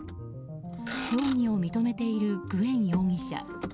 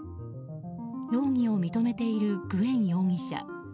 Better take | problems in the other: second | background sound (Motor vehicle (road)); 14 dB below the speech

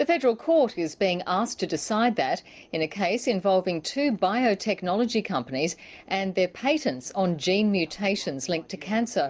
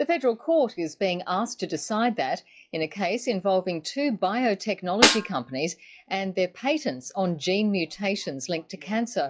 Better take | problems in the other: first | noise reduction (classical method log-MMSE)

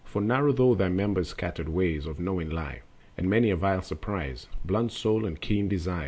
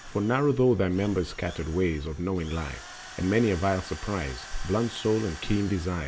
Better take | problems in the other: first | background sound (Drill); 18 dB below the speech

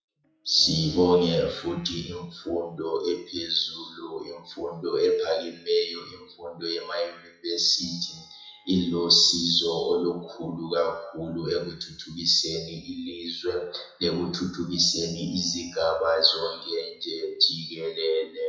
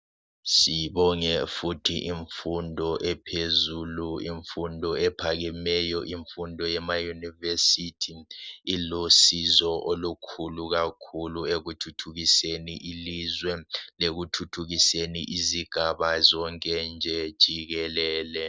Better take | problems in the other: second | noise reduction (classical method WPE with log-MMSE)

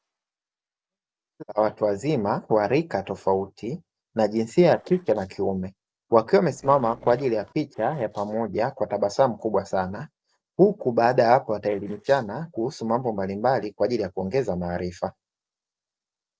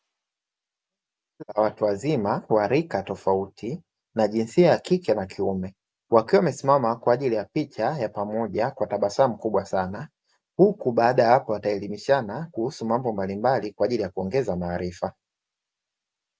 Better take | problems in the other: second | noise reduction (neural separator model SepFormer DNS4)

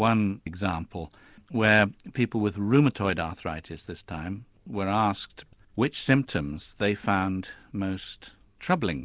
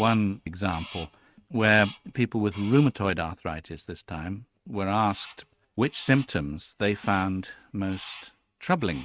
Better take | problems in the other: first | noise reduction (neural mask model RNNoise)

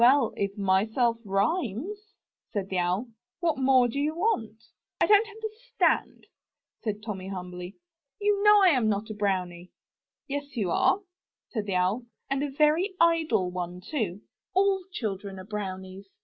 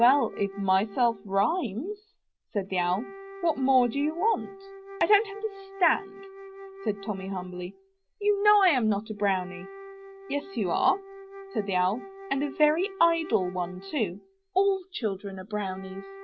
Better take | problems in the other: first | background sound (Wind instrument, woodwind instrument); 16 dB below the speech

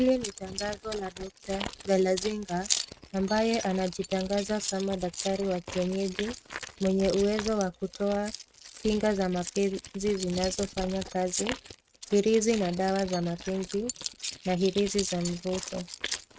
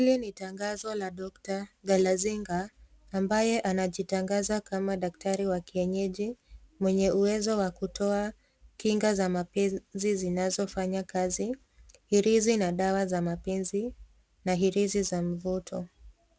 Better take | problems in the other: second | noise reduction (neural mask model RNNoise)

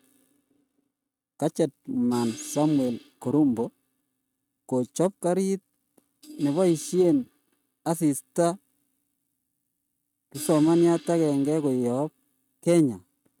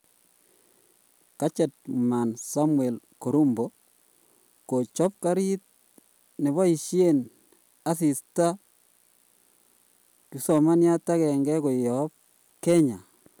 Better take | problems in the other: second | noise reduction (neural mask model RNNoise)

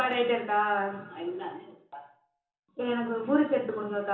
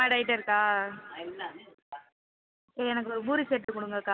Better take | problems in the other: second | room echo; dies away in 0.6 s

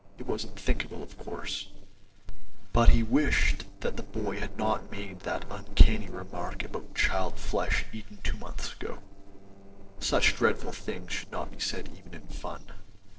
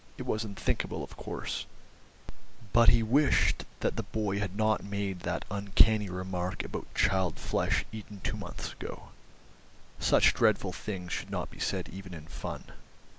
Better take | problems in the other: second | noise reduction (neural separator model SepFormer DNS4)

